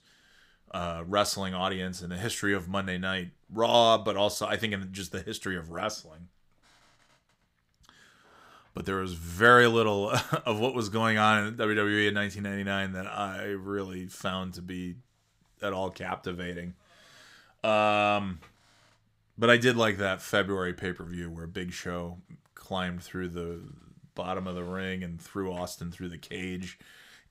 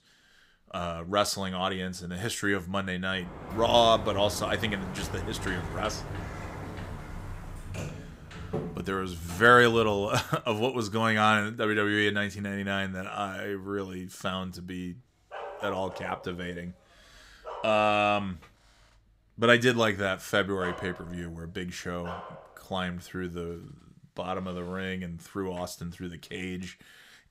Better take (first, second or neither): first